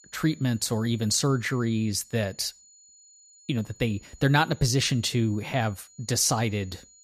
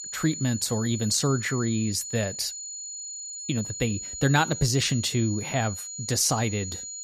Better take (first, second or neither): first